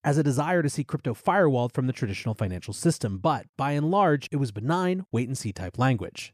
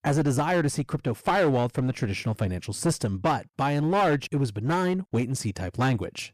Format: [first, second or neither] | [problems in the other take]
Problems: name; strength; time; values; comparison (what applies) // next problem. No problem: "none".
first | distortion; slight; 10% of the sound clipped